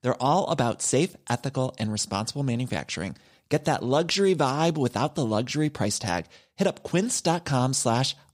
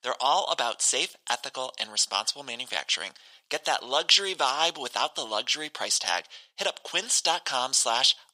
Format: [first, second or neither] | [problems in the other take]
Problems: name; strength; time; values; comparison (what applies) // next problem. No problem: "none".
first | thin; very; fading below 900 Hz